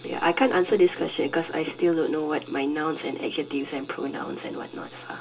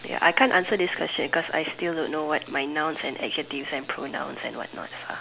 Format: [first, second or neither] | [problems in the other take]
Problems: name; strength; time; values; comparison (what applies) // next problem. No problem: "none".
second | room echo; dies away in 0.2 s